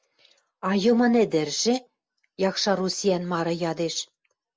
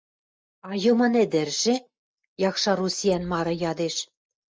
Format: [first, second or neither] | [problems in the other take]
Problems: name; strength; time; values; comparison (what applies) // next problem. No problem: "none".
first | noise reduction (neural mask model DeepFilterNet 3)